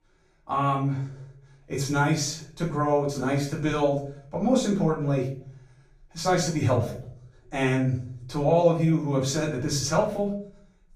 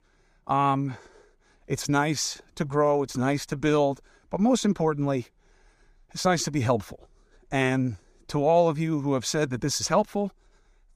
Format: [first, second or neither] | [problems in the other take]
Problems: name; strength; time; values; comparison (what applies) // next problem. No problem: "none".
second | off-mic speech; far // room echo; slight; dies away in 0.5 s